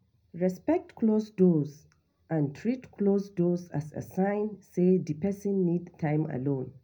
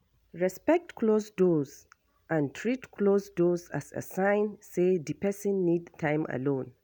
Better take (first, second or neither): second